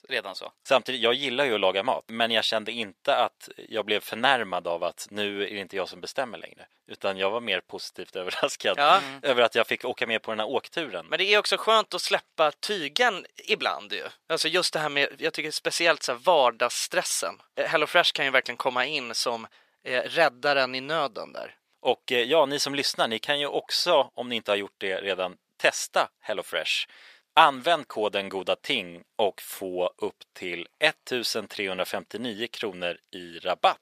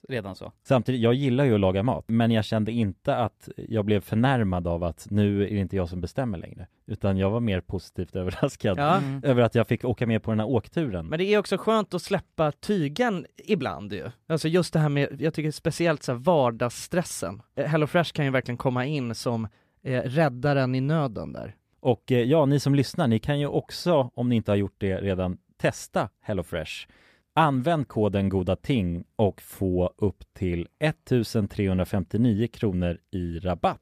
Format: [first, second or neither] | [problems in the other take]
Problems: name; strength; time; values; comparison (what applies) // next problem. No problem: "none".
second | thin; very; fading below 650 Hz